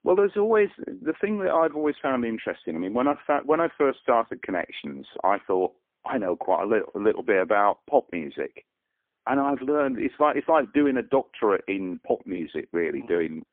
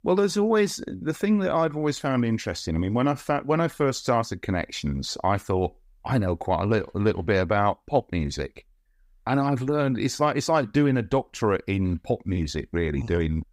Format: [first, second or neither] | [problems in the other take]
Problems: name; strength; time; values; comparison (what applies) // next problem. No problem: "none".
second | phone-call audio; poor line; nothing above 3.5 kHz